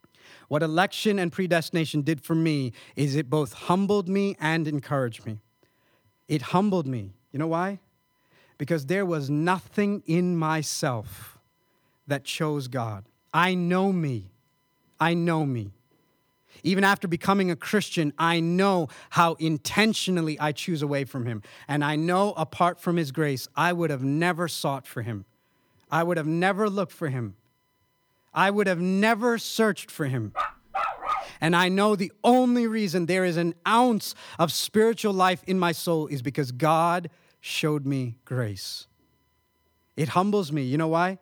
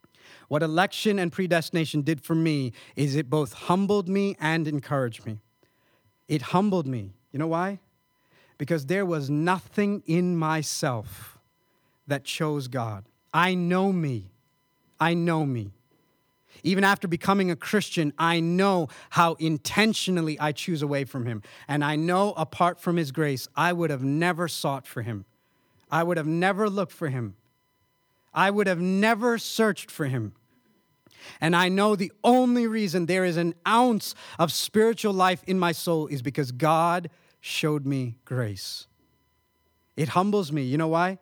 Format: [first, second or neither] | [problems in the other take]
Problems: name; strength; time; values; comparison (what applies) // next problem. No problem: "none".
second | dog barking; noticeable; at 30 s; peak 2 dB below the speech